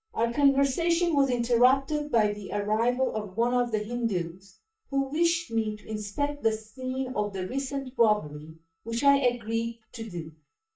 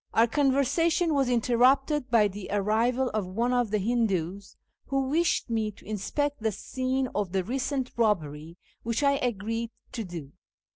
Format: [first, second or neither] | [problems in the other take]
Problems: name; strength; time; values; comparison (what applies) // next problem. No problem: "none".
second | noise reduction (neural mask model DeepFilterNet 3)